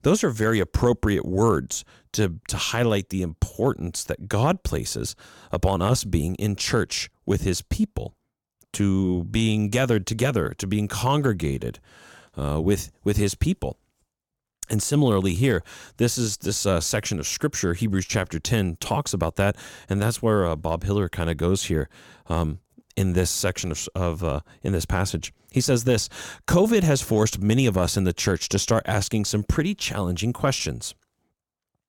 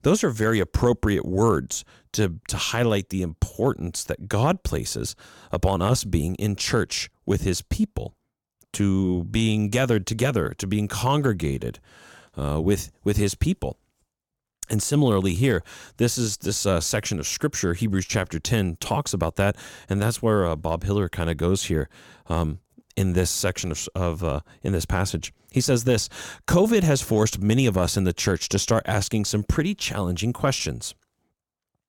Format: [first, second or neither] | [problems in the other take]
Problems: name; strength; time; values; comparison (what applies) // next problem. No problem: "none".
neither | none